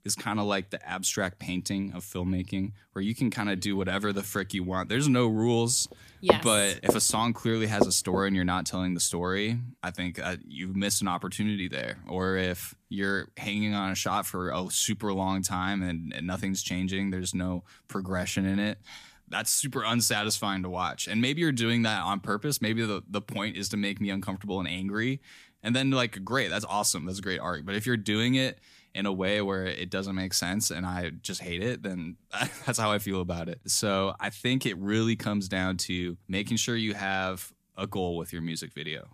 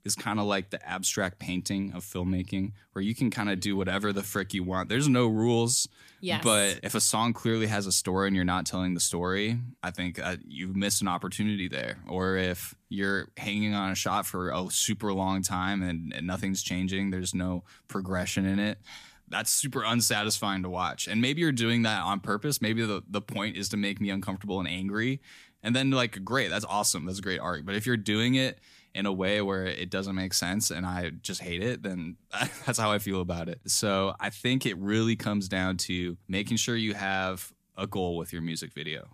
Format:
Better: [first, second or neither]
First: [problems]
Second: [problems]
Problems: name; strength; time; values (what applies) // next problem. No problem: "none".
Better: second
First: footsteps; loud; from 6.5 to 8 s; peak 3 dB above the speech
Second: none